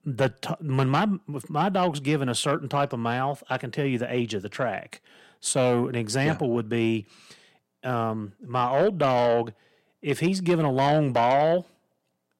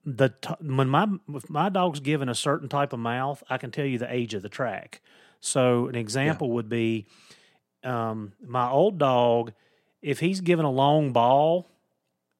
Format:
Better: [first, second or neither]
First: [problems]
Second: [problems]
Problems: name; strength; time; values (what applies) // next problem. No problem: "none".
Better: second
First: distortion; slight; 10 dB below the speech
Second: none